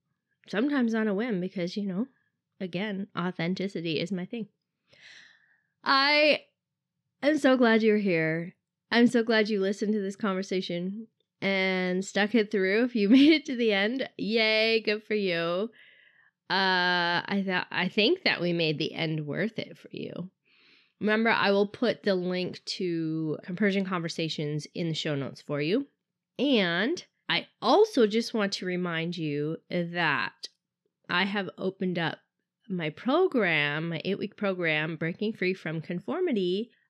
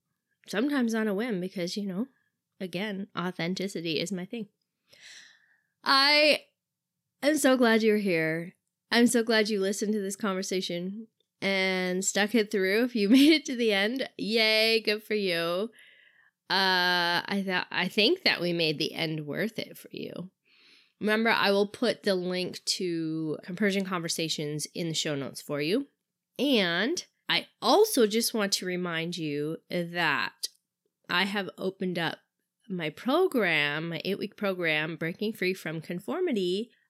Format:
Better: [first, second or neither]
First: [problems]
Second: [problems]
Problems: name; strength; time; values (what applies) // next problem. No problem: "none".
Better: second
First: muffled; very slightly; fading above 3.5 kHz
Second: none